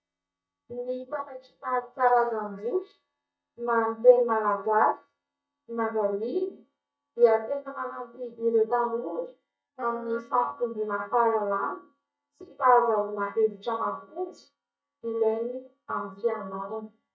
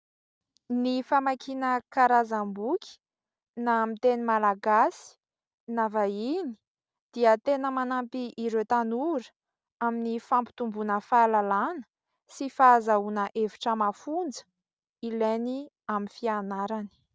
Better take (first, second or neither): second